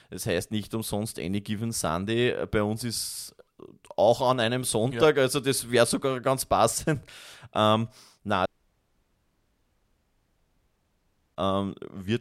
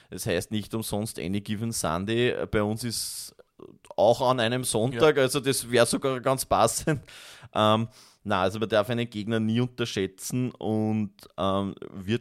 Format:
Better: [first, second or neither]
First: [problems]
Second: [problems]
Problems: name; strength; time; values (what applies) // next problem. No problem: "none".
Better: second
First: audio cutting out; at 8.5 s for 3 s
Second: none